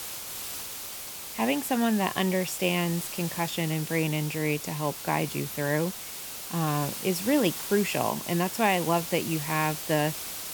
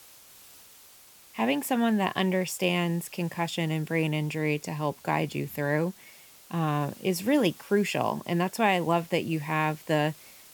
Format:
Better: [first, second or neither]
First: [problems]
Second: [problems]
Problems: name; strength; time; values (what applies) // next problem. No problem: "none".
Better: second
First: hiss; loud; throughout; 7 dB below the speech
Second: hiss; faint; throughout; 20 dB below the speech